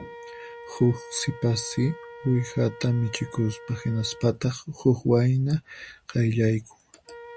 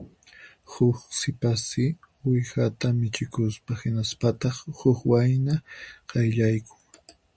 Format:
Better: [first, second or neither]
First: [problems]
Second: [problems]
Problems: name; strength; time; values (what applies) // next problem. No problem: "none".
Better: second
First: background sound (Wind instrument, woodwind instrument); 19 dB below the speech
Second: none